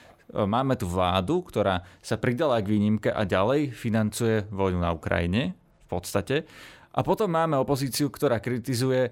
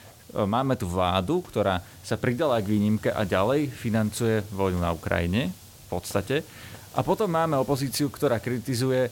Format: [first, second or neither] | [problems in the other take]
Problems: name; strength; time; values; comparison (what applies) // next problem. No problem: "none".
first | hiss; noticeable; throughout; 20 dB below the speech